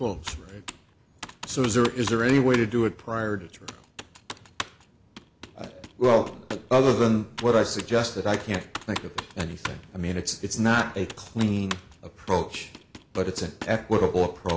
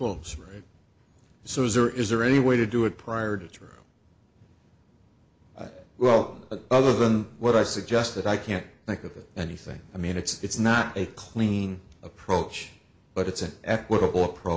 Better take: second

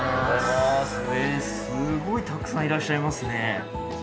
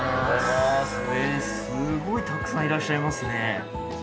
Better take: first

